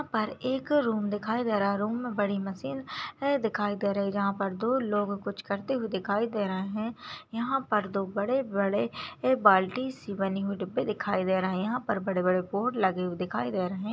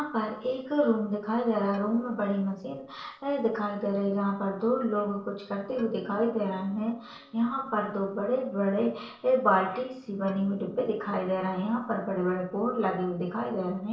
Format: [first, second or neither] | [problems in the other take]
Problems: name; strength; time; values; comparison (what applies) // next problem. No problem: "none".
first | noise reduction (neural separator model SepFormer DNS4)